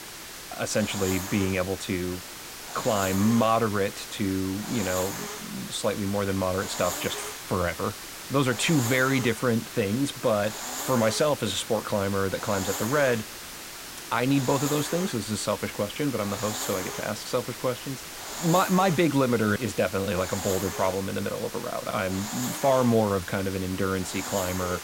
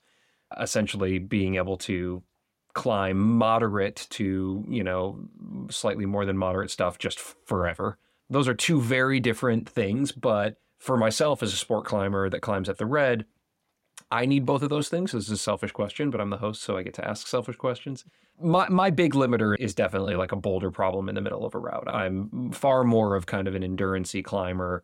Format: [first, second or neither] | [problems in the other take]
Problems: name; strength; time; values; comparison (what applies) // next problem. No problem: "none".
second | hiss; loud; throughout; 8 dB below the speech